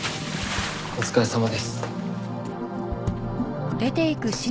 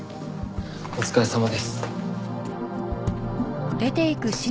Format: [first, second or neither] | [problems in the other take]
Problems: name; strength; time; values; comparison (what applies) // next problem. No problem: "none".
second | background sound (Bathtub (filling or washing) / Splash, splatter); 11 dB below the speech